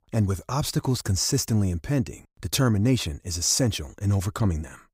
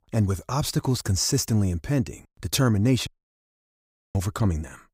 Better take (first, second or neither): first